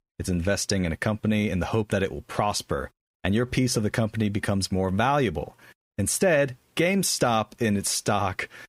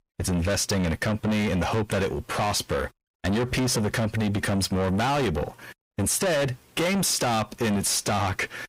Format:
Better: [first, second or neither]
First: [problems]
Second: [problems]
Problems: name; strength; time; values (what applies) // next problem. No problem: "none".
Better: first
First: none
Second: distortion; heavy; 6 dB below the speech